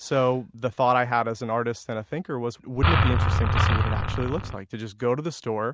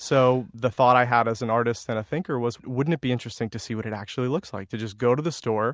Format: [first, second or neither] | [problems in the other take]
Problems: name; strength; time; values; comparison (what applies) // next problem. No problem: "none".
second | background sound (Engine); 5 dB above the speech